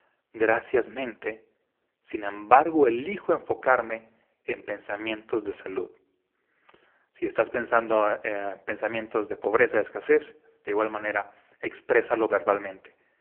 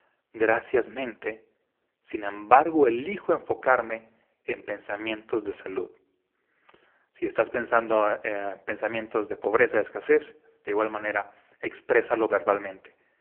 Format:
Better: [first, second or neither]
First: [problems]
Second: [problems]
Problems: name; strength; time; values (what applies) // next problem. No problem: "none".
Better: neither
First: phone-call audio; poor line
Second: phone-call audio; poor line